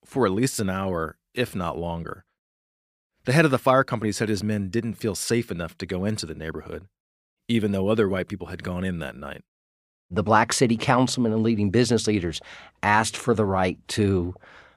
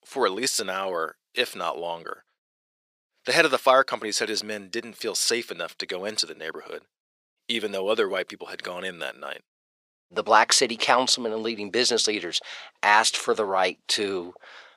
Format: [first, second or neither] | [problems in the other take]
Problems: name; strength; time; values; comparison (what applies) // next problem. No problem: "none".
first | thin; very; fading below 500 Hz